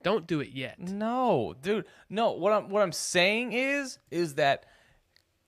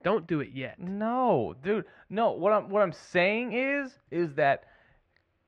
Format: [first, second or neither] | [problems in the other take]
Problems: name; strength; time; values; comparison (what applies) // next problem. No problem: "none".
first | muffled; very; fading above 2 kHz